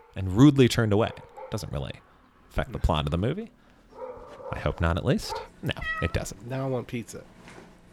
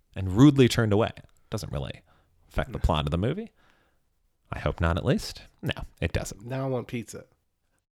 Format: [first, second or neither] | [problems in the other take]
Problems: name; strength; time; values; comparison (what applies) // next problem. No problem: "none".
second | animal sounds; noticeable; throughout; 15 dB below the speech